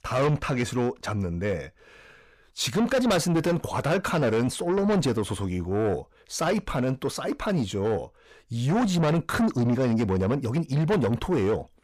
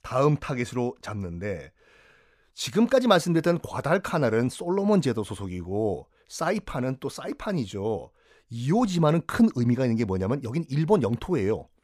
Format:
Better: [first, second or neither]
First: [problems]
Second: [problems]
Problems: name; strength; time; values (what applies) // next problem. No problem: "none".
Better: second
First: distortion; heavy; 7 dB below the speech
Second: none